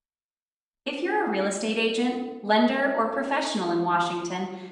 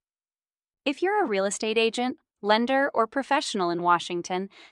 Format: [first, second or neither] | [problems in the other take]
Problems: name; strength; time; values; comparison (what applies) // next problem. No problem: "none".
second | room echo; noticeable; dies away in 0.8 s // off-mic speech; far